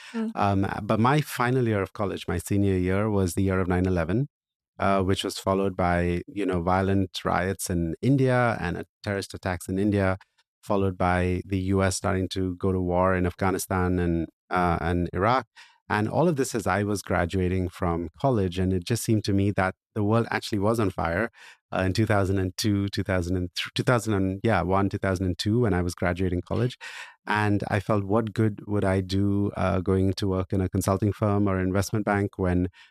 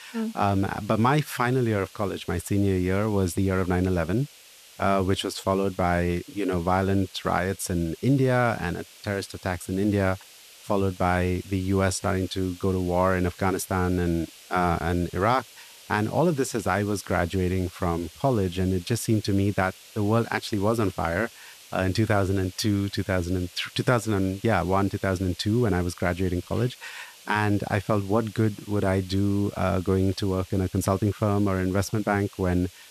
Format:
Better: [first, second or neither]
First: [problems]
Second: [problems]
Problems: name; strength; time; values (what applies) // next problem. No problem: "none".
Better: first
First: none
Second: hiss; faint; throughout; 20 dB below the speech